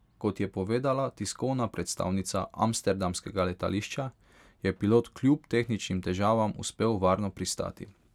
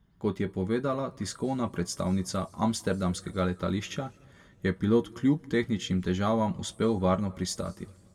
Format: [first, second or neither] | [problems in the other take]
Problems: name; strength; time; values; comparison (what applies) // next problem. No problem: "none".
first | room echo; dies away in 1.4 s